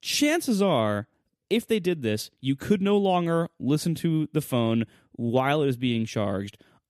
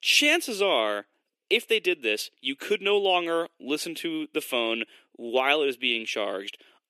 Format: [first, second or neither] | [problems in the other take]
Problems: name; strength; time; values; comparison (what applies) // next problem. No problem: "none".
first | thin; somewhat; fading below 350 Hz